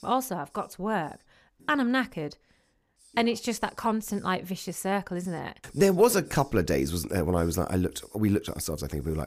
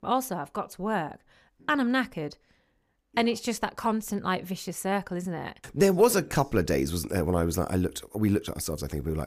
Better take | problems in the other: second | hiss; faint; throughout; 30 dB below the speech

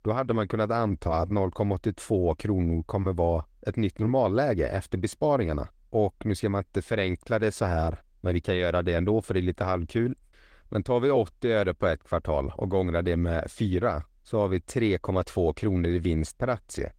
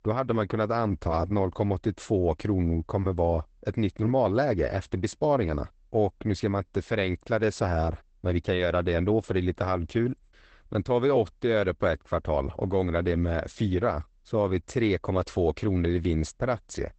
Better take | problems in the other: first | garbled, watery; badly; nothing above 8 kHz; slightly in the first

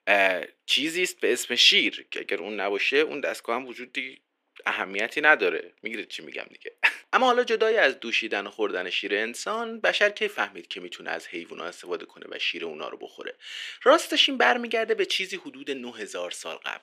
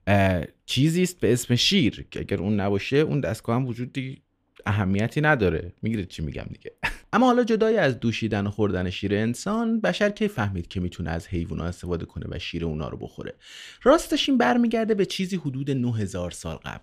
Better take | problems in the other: second | thin; very; fading below 350 Hz

